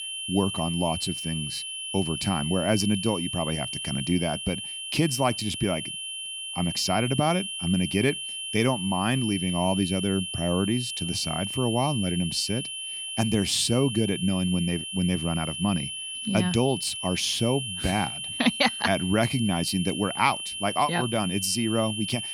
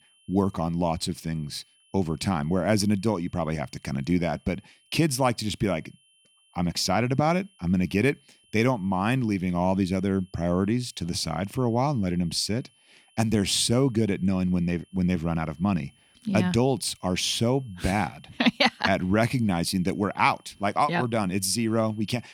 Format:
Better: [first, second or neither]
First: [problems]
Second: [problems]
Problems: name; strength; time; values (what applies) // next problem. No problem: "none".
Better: second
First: high-pitched whine; loud; throughout; 3 kHz, 5 dB below the speech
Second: high-pitched whine; faint; throughout; 3 kHz, 35 dB below the speech